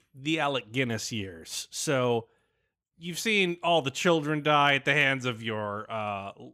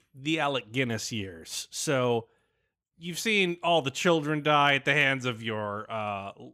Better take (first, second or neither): neither